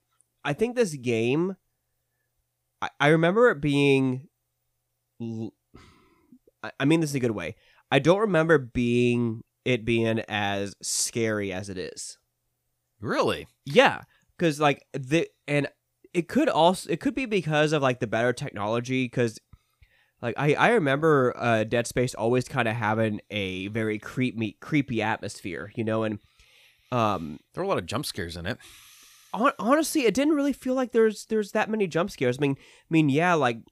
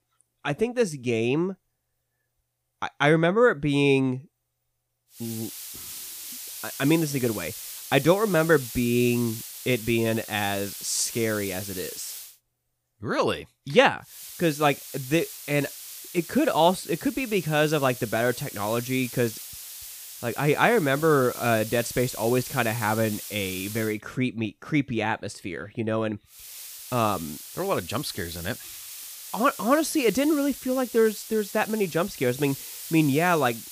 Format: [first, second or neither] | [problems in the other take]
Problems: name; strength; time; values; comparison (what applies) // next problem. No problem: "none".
first | hiss; noticeable; from 5 to 12 s, from 14 to 24 s and from 26 s on; 10 dB below the speech